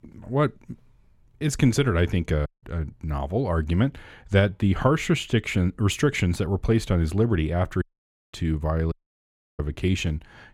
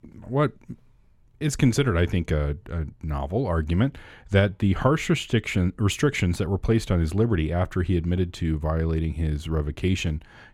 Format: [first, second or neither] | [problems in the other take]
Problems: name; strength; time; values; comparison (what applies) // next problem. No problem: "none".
second | audio cutting out; at 2.5 s, at 8 s for 0.5 s and at 9 s for 0.5 s